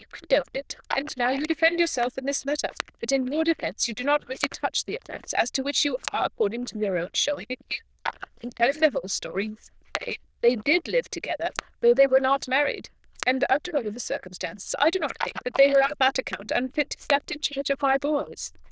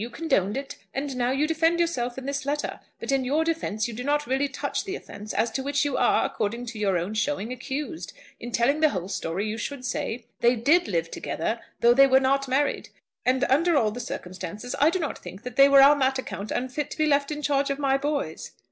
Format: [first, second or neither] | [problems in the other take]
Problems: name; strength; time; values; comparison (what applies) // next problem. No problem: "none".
second | noise reduction (neural diffusion model UNIVERSE++)